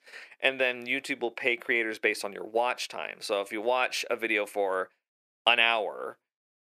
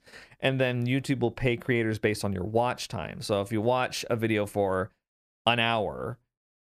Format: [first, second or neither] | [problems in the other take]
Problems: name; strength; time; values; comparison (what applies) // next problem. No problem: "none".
second | thin; somewhat; fading below 350 Hz